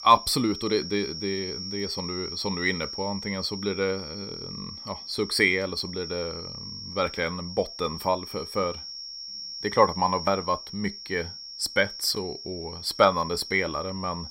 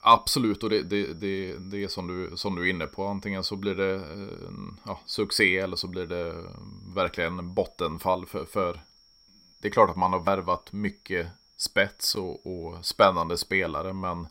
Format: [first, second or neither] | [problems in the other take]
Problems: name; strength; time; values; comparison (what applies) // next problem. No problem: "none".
second | high-pitched whine; loud; throughout; 5.5 kHz, 8 dB below the speech; faint in the second